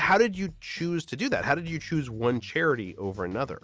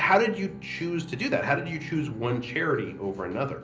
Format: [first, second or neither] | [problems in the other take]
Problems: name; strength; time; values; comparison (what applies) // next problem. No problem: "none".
first | background sound (Bowed string instrument); 19 dB below the speech // room echo; dies away in 0.5 s